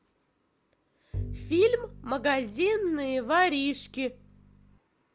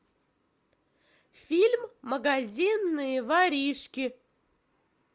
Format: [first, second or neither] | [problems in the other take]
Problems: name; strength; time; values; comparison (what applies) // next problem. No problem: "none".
second | background sound (Bowed string instrument); 13 dB below the speech